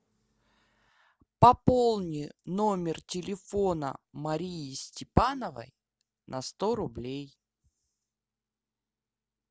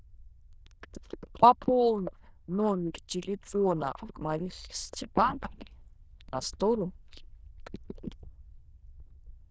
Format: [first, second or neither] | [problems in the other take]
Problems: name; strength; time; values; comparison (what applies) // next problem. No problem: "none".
first | noise reduction (neural diffusion model UNIVERSE++)